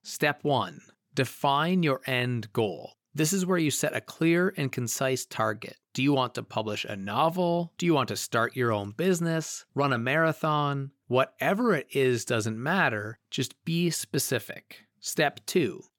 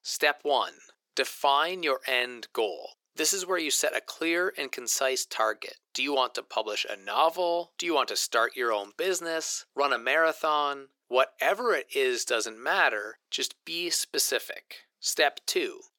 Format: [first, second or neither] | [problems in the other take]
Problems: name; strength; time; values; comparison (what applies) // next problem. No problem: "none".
first | thin; very; fading below 400 Hz